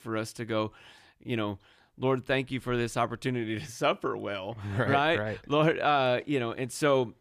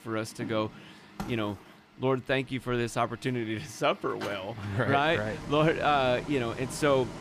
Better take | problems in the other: first | traffic noise; noticeable; throughout; 15 dB below the speech

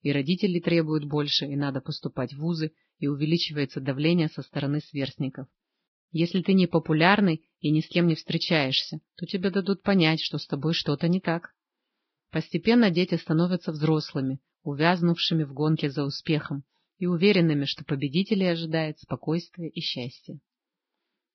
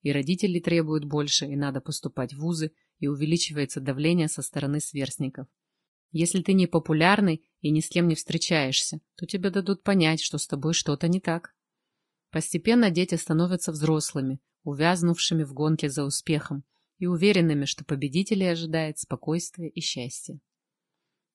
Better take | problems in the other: second | garbled, watery; badly; nothing above 5.5 kHz; slightly in the second

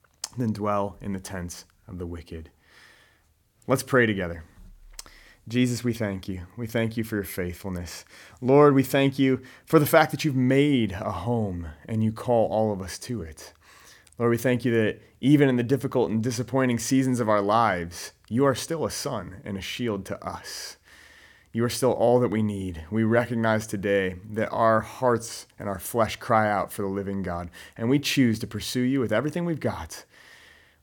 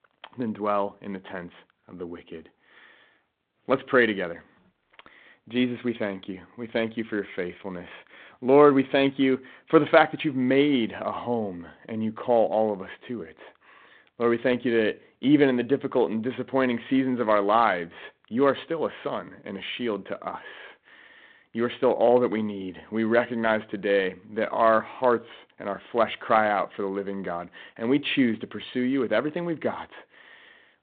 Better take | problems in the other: first | phone-call audio; nothing above 3.5 kHz

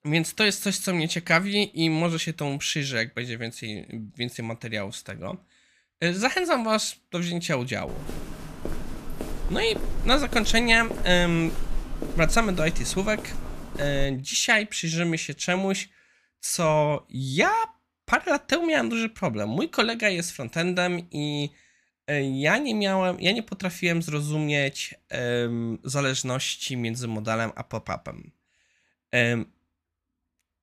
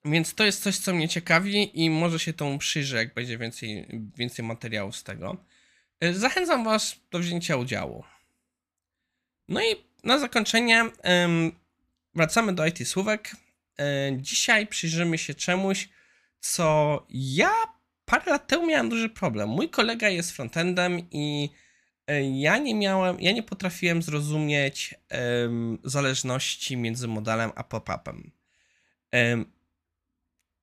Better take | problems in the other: second | footsteps; noticeable; from 8 to 14 s; peak 9 dB below the speech

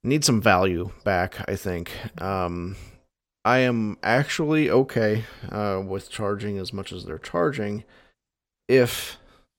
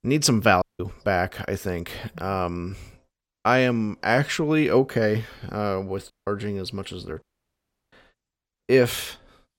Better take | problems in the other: first | audio cutting out; at 0.5 s, at 6 s and at 7 s for 0.5 s

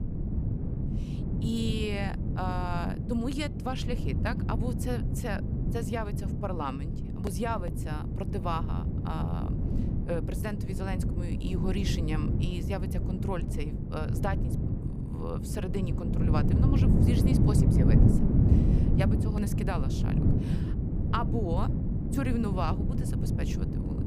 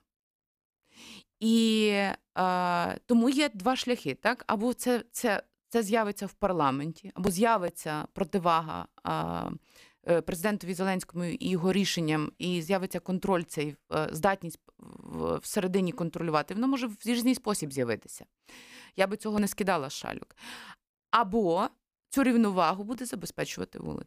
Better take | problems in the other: second | wind noise on the microphone; heavy; 2 dB below the speech

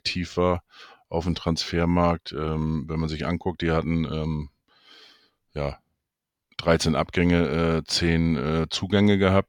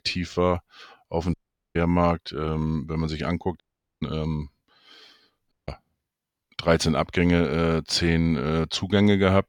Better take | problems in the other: first | audio cutting out; at 1.5 s, at 3.5 s and at 5.5 s

